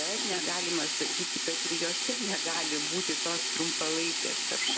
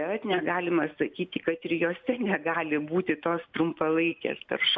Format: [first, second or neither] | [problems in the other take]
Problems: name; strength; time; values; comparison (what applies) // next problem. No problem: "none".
second | background sound (Sink (filling or washing)); 5 dB above the speech